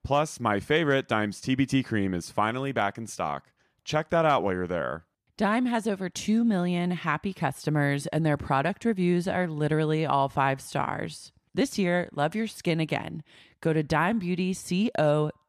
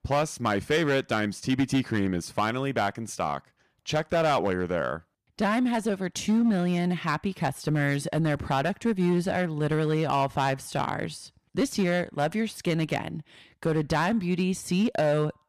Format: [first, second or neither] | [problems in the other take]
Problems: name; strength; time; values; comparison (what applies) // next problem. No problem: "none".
first | distortion; slight; 6% of the sound clipped